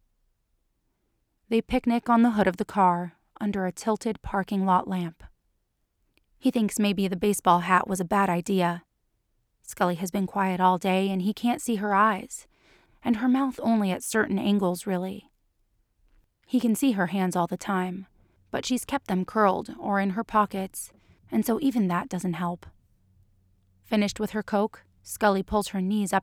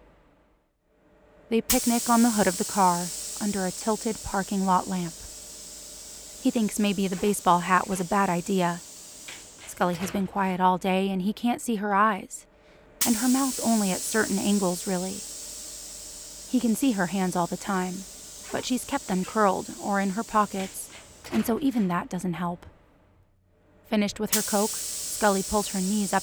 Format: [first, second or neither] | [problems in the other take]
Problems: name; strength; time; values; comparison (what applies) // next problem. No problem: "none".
first | hiss; loud; throughout; 7 dB below the speech